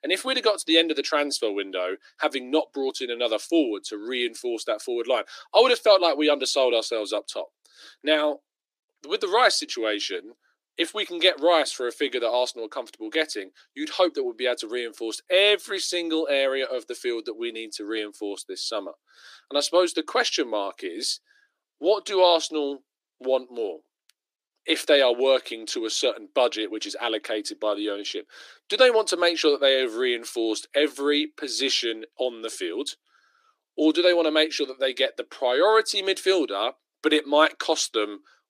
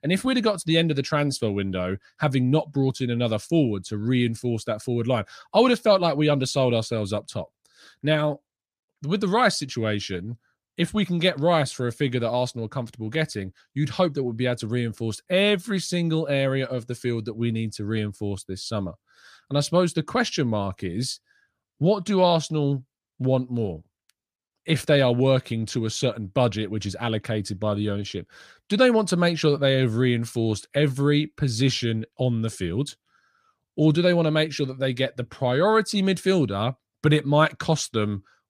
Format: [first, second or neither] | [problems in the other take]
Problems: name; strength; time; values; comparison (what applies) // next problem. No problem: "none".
second | thin; very; fading below 300 Hz